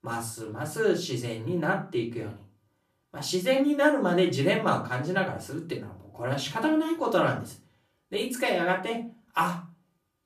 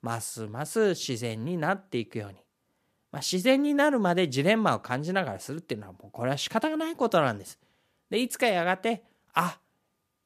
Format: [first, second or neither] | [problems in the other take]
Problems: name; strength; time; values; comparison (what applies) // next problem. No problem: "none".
second | off-mic speech; far // room echo; very slight; dies away in 0.3 s